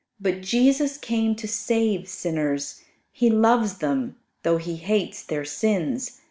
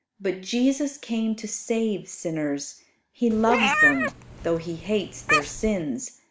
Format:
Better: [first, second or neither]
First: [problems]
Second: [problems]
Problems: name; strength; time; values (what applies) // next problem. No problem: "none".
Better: first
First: none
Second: background sound (Meow); 1 dB above the speech